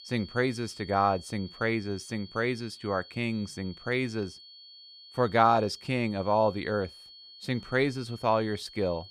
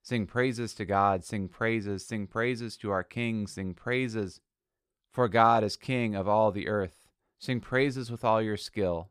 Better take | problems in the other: second | high-pitched whine; noticeable; throughout; 4.5 kHz, 20 dB below the speech

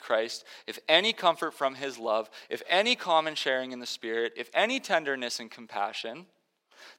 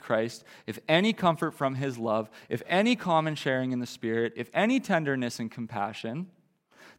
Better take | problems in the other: second | thin; somewhat; fading below 500 Hz

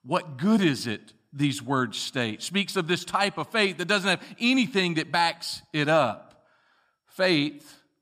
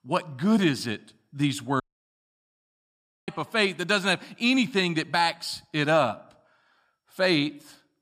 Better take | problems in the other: first | audio cutting out; at 2 s for 1.5 s

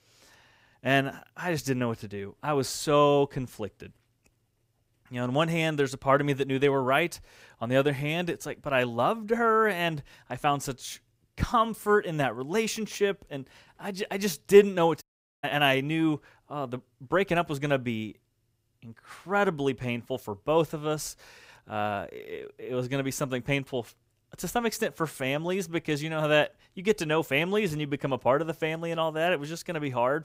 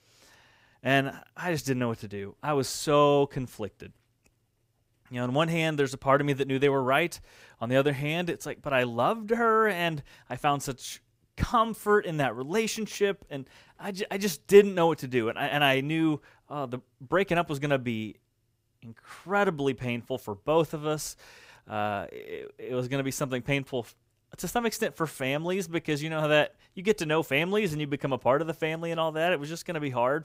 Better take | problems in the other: second | audio cutting out; at 15 s

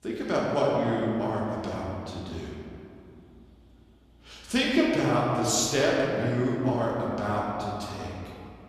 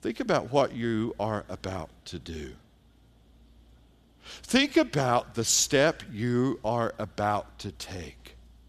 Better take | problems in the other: second | off-mic speech; far // room echo; noticeable; dies away in 2.4 s

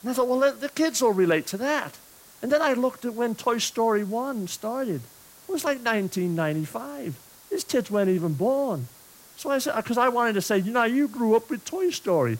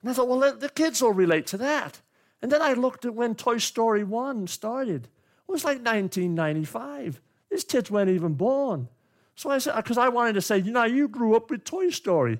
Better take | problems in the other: second | hiss; faint; throughout; 25 dB below the speech

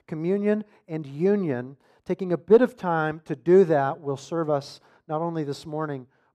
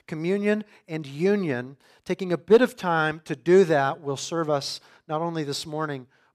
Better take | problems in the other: second | muffled; slightly; fading above 1.5 kHz

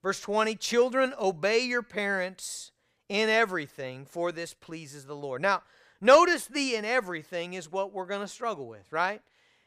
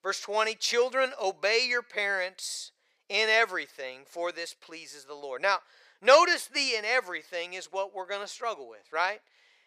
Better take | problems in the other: first | thin; somewhat; fading below 500 Hz

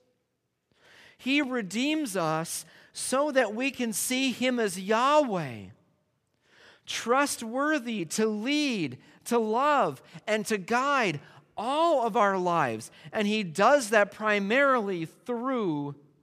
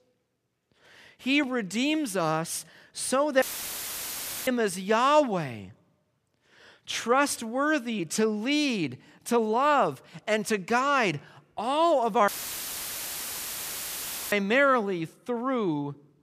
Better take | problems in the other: first | audio cutting out; filled with static; at 3.5 s for 1 s and at 12 s for 2 s

